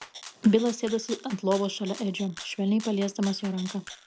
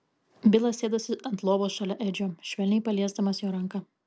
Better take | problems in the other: second | background sound (Rattle (instrument)); 17 dB below the speech

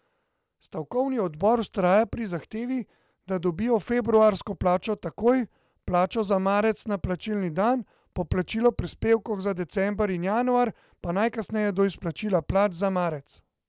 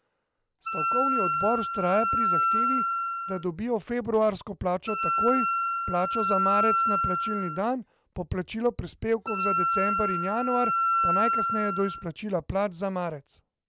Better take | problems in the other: first | background sound (Wind instrument, woodwind instrument); 2 dB above the speech

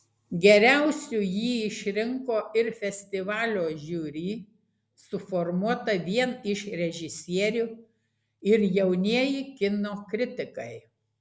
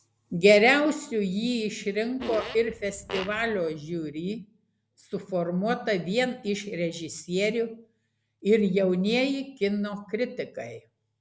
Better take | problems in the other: first | background sound (Fart); 11 dB below the speech

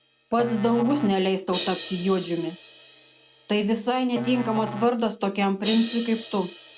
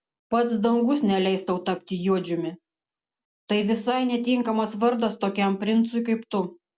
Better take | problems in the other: second | background sound (Crash cymbal + Musical instrument); 13 dB below the speech

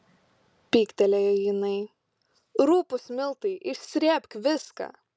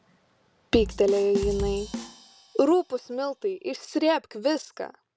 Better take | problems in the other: first | background sound (Bass drum / Drum kit); 11 dB below the speech

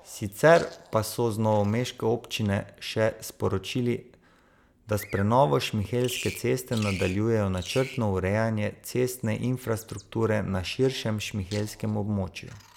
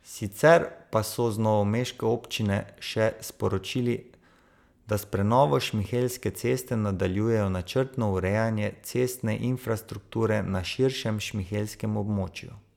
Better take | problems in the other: second | background sound (Bird vocalization, bird call, bird song); 19 dB below the speech

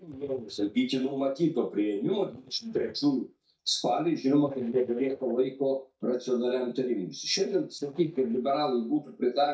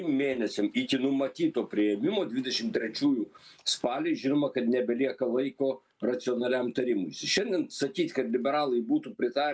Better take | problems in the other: second | noise reduction (neural mask model DeepFilterNet 3)

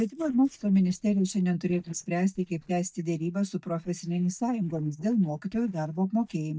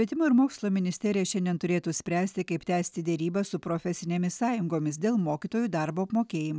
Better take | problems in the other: second | noise reduction (neural mask model DeepFilterNet 3)

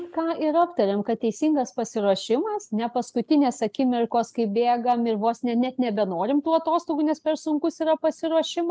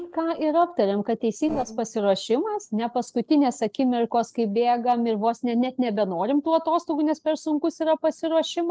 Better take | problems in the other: first | noise reduction (neural separator model SepFormer DNS4)

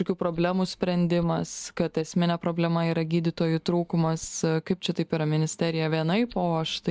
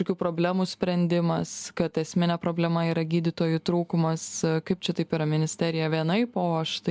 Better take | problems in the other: second | noise reduction (neural mask model DeepFilterNet 3)

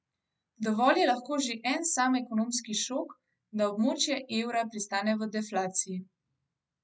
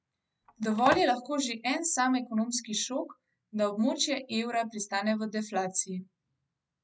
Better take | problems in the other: first | background sound (Telephone); 7 dB below the speech

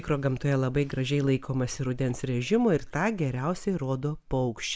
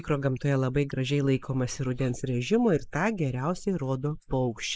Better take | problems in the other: first | noise reduction (neural mask model Resemble Enhance denoiser)

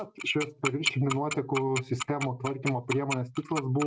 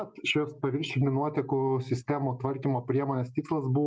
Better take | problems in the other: second | noise reduction (neural mask model RNNoise)

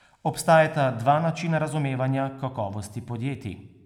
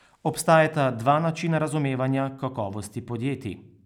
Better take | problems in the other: second | room echo; dies away in 0.9 s

